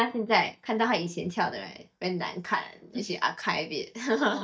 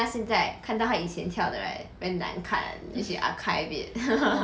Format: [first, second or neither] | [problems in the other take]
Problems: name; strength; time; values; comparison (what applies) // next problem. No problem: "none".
second | noise reduction (neural mask model DeepFilterNet 3)